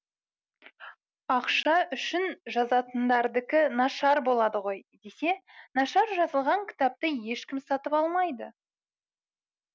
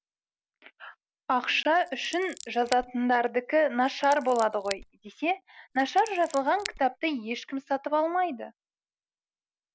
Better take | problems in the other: first | background sound (Scissors); 16 dB below the speech

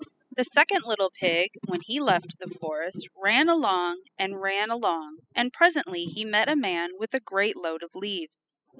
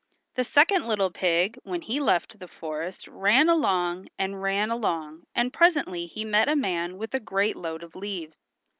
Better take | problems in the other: second | noise reduction (classical method spectral subtraction)

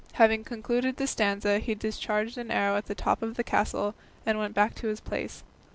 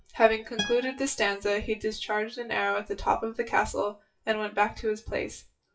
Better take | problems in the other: first | noise reduction (classical method WPE with log-MMSE)

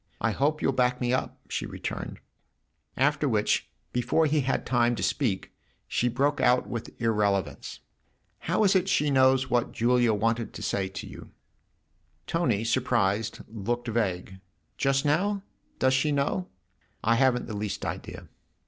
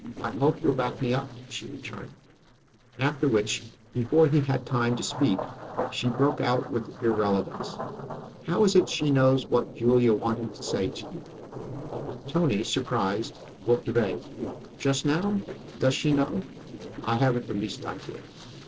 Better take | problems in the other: first | noise reduction (neural separator model SepFormer DNS4)

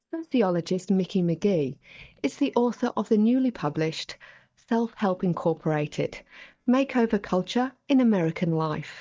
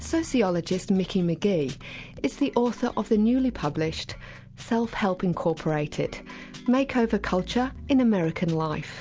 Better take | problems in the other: second | noise reduction (neural mask model DeepFilterNet 3)

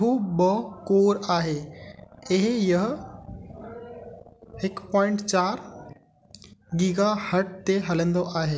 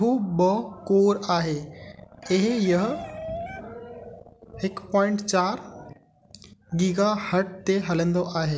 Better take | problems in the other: first | background sound (Chicken, rooster); 15 dB below the speech

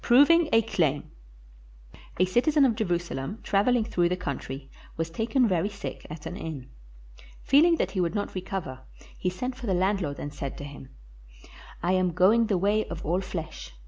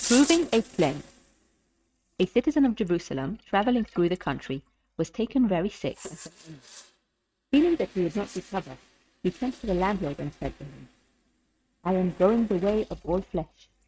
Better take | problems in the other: first | noise reduction (neural mask model RNNoise)

